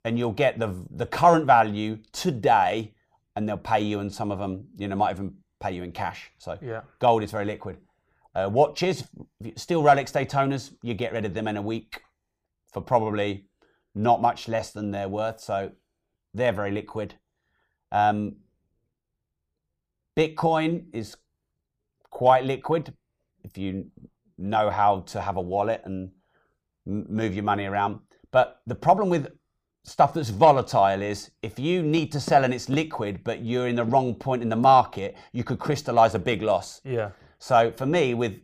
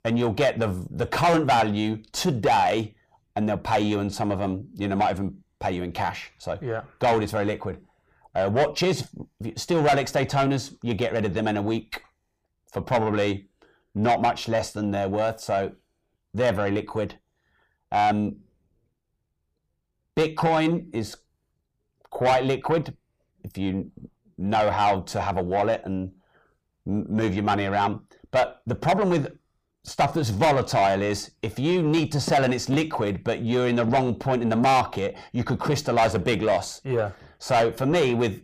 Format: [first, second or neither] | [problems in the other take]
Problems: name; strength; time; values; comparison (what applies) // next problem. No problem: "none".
first | distortion; heavy; 7 dB below the speech